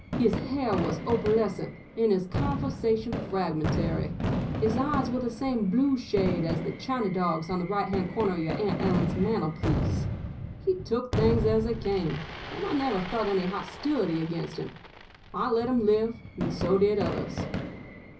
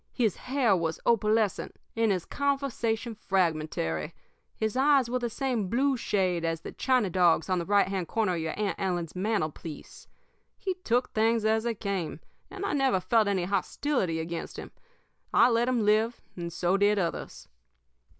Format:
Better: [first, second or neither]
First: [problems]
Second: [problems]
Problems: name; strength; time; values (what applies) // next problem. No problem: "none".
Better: second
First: background sound (Fireworks); 5 dB below the speech // room echo; dies away in 0.5 s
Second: none